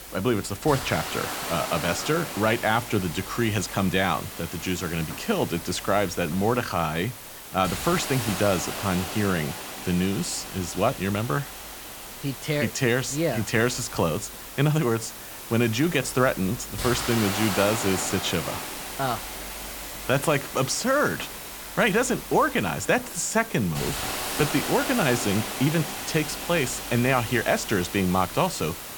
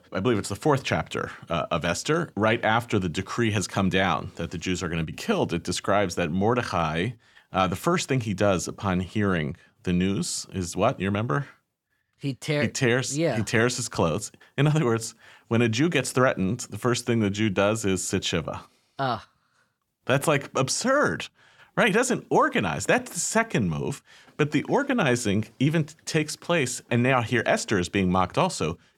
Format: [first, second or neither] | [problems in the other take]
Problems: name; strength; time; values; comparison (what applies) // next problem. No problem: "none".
second | hiss; loud; throughout; 7 dB below the speech